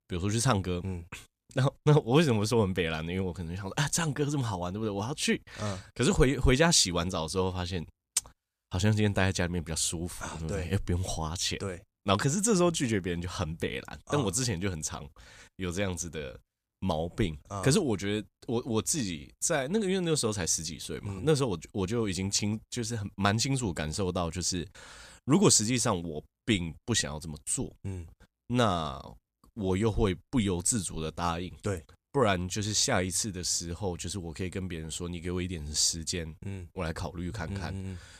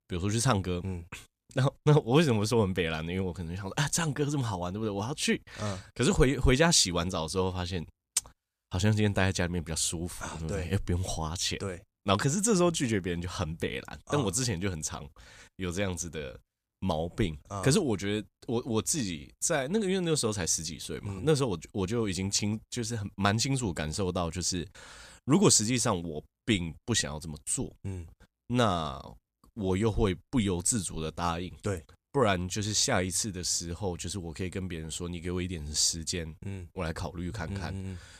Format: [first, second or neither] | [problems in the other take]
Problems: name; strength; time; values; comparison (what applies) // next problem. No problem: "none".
neither | none